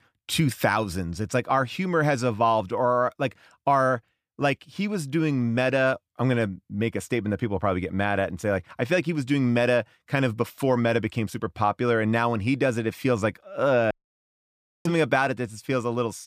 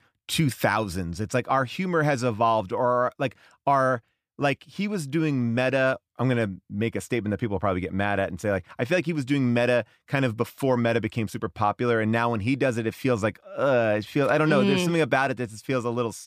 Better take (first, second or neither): second